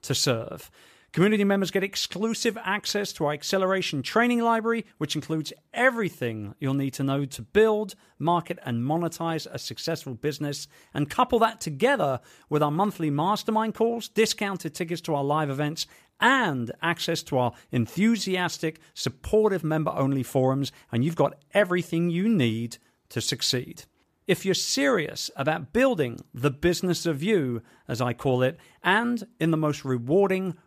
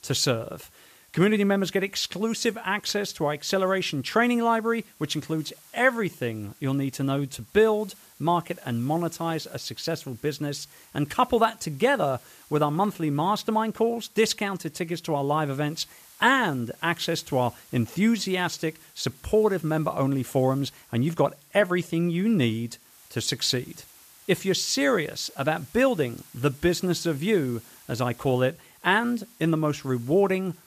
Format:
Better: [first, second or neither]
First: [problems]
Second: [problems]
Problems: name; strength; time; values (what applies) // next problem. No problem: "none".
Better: first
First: none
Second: hiss; faint; throughout; 25 dB below the speech